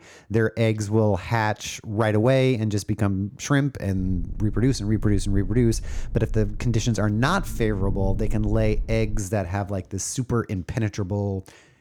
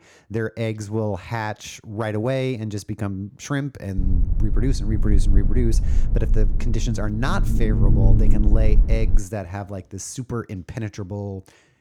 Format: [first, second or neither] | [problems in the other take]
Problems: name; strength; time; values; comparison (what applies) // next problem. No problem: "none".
first | low rumble; loud; from 4 to 9 s; 7 dB below the speech; faint in the first